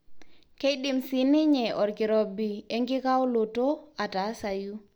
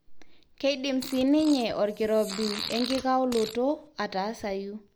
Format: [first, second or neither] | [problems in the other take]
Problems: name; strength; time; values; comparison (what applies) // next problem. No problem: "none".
first | background sound (Fart); 12 dB below the speech